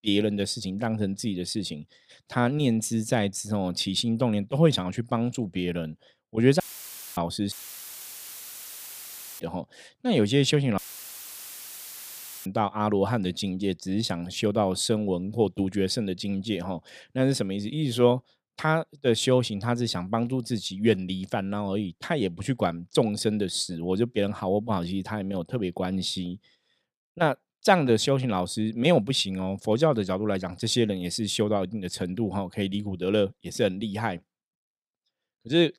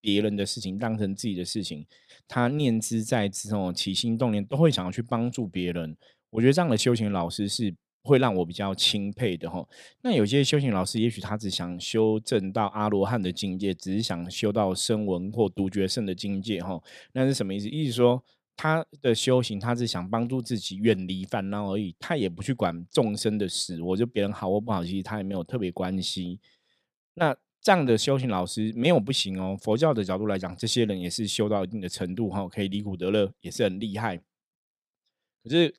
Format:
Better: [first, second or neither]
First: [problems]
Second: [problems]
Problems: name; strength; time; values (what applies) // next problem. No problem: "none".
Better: second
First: audio cutting out; filled with static; at 6.5 s for 0.5 s, at 7.5 s for 2 s and at 11 s for 1.5 s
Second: none